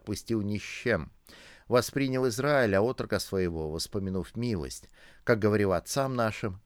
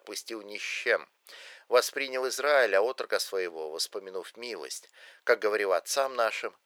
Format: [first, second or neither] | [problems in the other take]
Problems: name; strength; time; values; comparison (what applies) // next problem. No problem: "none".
first | thin; very; fading below 500 Hz